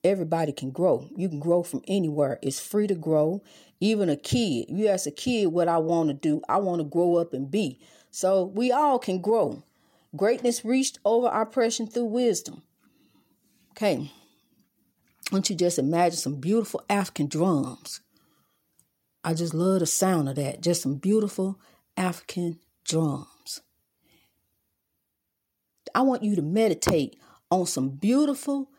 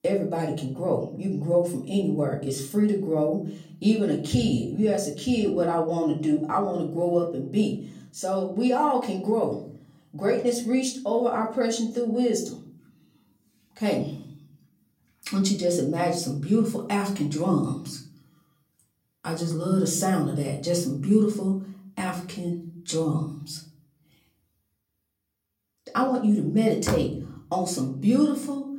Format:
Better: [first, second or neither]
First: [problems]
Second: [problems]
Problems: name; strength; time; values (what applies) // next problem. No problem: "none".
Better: first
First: none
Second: off-mic speech; far // room echo; slight; dies away in 0.6 s